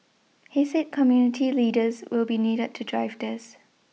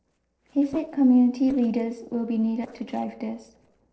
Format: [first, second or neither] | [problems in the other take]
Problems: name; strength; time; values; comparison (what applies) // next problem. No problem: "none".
first | noise reduction (neural separator model SepFormer DNS4)